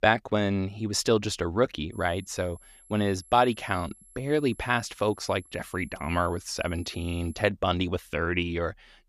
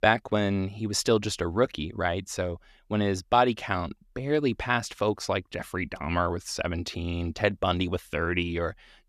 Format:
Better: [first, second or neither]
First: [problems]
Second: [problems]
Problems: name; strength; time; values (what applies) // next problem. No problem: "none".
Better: second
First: high-pitched whine; faint; from 2 to 7.5 s; 11 kHz, 25 dB below the speech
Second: none